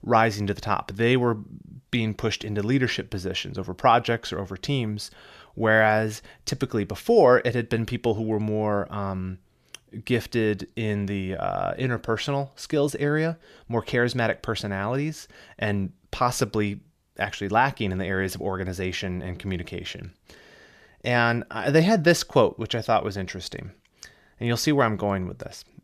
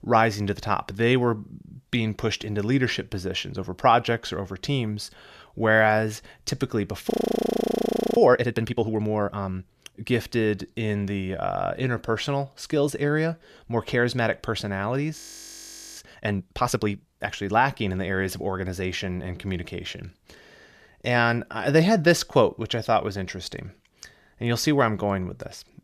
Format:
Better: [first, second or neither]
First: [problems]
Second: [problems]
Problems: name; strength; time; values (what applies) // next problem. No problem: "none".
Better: first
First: none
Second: audio freezing; at 7 s for 1 s and at 15 s for 1 s